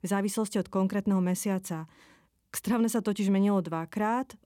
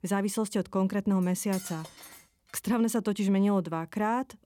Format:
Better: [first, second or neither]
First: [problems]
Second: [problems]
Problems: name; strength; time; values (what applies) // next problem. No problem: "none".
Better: first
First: none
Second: clattering dishes; faint; from 1 to 2.5 s; peak 15 dB below the speech